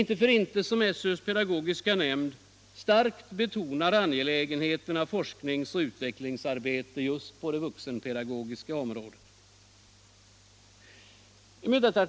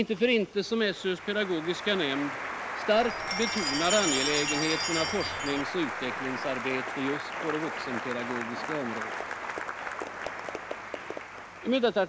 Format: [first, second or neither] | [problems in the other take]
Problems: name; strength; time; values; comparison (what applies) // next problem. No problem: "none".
first | background sound (Chime + Applause); 4 dB below the speech